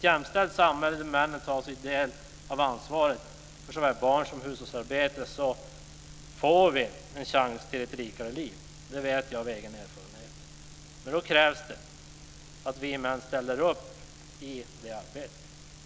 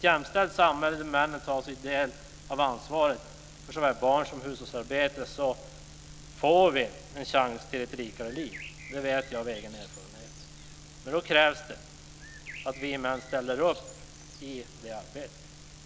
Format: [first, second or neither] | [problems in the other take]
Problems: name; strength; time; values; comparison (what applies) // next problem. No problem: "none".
first | background sound (Bird); 20 dB below the speech